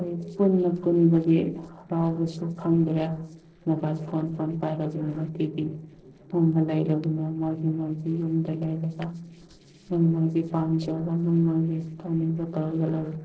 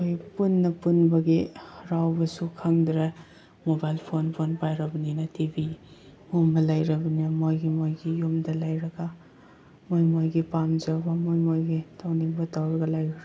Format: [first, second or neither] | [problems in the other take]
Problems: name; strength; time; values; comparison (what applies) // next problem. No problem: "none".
second | noise reduction (neural separator model SepFormer DNS4)